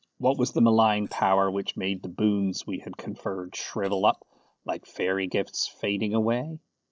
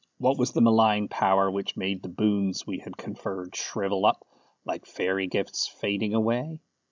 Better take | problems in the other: second | noise reduction (neural separator model SepFormer DNS4)

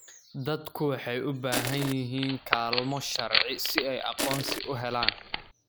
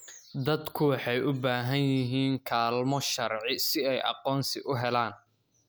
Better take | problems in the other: second | background sound (Wood + Crushing); as loud as the speech

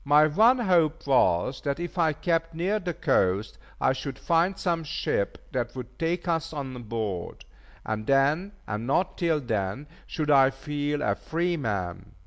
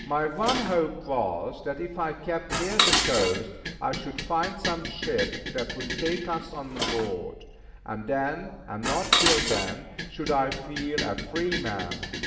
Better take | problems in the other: first | background sound (Dishes, pots, and pans); 1 dB below the speech // room echo; dies away in 1.1 s

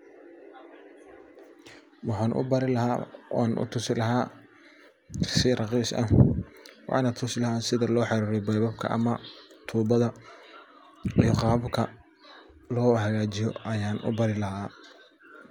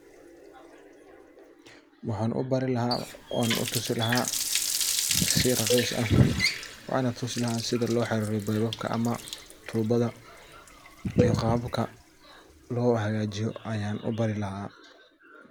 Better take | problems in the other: first | background sound (Cowbell + Water tap, faucet); 6 dB below the speech

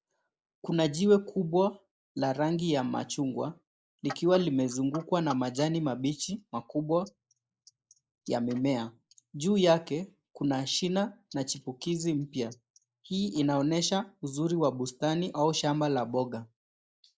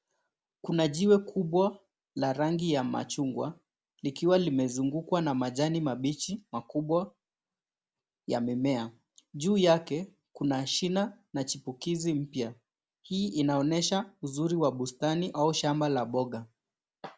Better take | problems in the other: second | noise reduction (neural mask model Resemble Enhance denoiser)

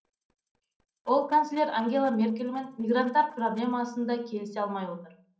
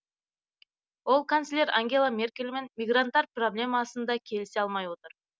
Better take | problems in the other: second | noise reduction (neural separator model SepFormer DNS4)

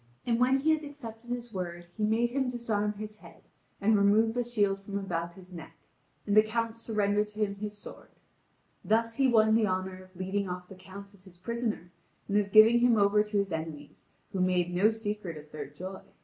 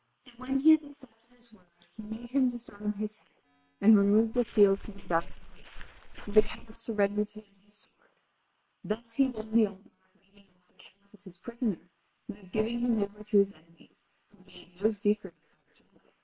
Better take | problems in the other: first | noise reduction (neural separator model SepFormer WHAM!)

